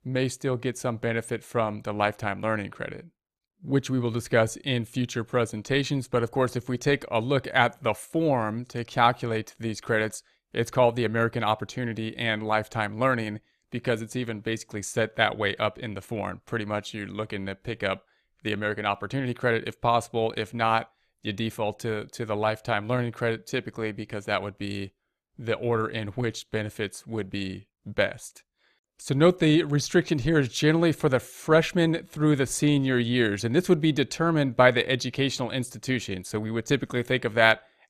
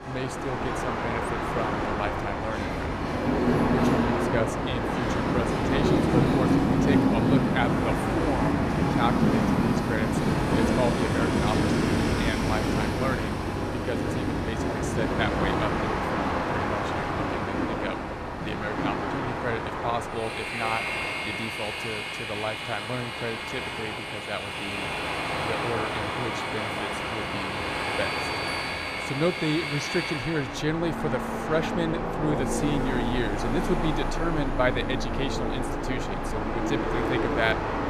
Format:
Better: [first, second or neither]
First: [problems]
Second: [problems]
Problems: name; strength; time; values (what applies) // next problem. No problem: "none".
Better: first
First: none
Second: train or aircraft noise; very loud; throughout; 5 dB above the speech